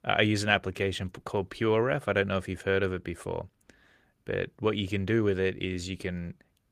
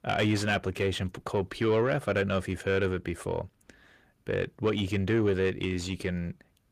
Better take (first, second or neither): first